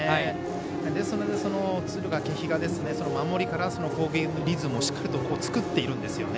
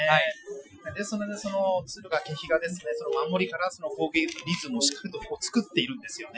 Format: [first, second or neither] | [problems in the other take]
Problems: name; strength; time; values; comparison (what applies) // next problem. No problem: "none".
first | noise reduction (classical method Wiener filter)